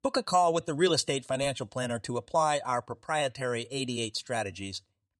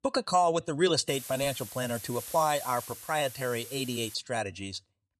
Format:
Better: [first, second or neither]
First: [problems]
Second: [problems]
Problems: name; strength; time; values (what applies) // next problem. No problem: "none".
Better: first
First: none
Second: hiss; noticeable; from 1 to 4 s; 10 dB below the speech